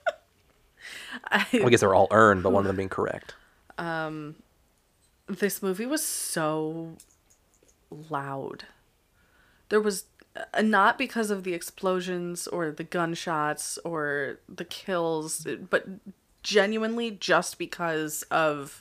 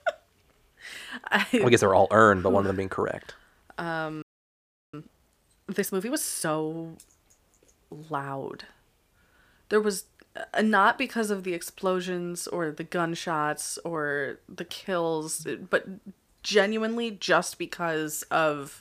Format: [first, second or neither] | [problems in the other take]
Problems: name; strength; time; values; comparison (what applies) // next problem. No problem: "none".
first | audio freezing; at 4 s for 0.5 s